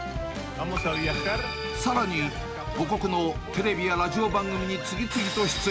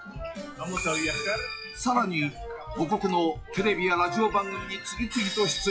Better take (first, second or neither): first